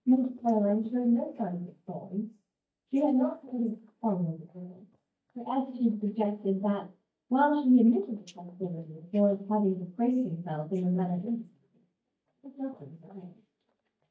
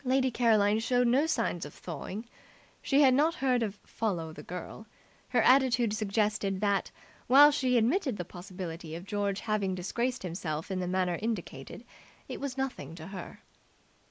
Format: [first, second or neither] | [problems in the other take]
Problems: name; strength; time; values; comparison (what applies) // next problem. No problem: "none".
second | noise reduction (neural mask model DeepFilterNet 3)